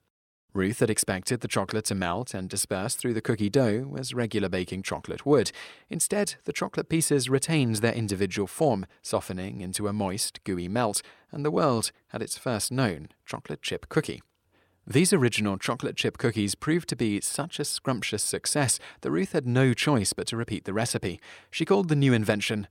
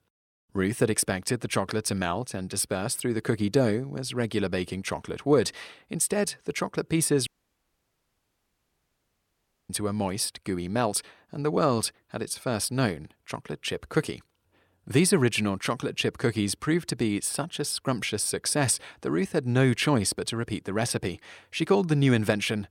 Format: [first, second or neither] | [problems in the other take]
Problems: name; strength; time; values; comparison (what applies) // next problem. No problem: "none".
first | audio cutting out; at 7.5 s for 2.5 s